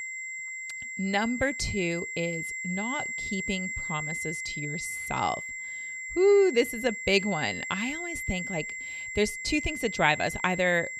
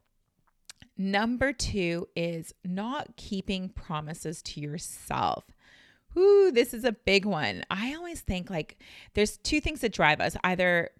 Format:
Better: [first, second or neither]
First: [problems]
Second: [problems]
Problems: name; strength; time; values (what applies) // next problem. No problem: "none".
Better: second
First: high-pitched whine; loud; throughout; 2 kHz, 5 dB below the speech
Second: none